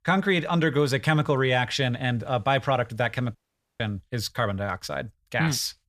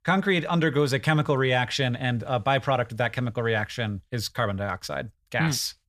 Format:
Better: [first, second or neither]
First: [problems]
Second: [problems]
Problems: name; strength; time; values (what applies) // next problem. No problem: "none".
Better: second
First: audio cutting out; at 3.5 s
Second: none